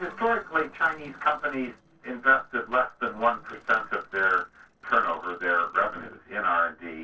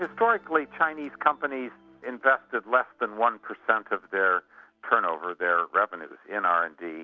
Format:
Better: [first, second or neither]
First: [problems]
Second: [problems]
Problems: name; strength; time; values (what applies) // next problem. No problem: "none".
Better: second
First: noise reduction (neural separator model SepFormer DNS4)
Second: none